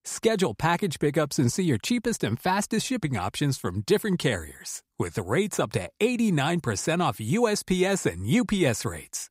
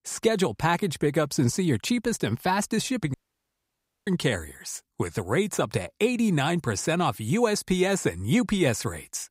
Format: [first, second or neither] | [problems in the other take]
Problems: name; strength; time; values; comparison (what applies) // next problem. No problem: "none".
first | audio cutting out; at 3 s for 1 s